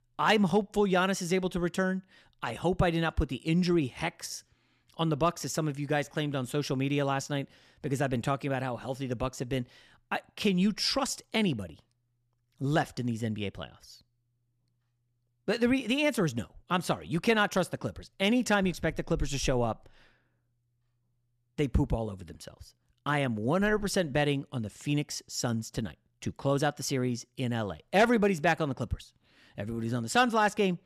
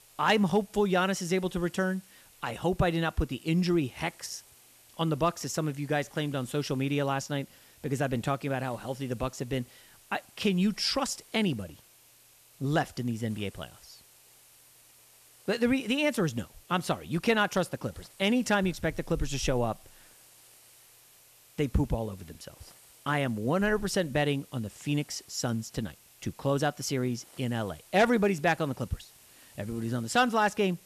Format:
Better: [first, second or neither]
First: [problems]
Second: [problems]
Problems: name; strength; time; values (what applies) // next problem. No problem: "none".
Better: first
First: none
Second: hiss; faint; throughout; 25 dB below the speech